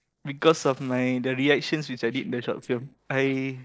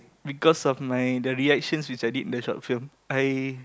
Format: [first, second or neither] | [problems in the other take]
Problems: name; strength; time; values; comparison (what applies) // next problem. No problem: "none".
second | noise reduction (neural separator model SepFormer DNS4)